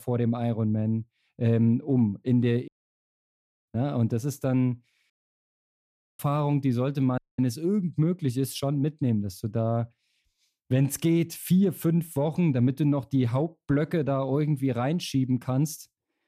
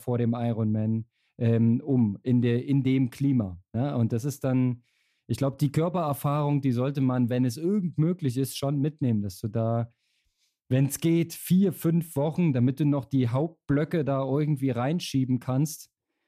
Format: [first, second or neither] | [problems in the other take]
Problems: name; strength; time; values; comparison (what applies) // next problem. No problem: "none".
second | audio cutting out; at 2.5 s for 1 s, at 5 s for 1 s and at 7 s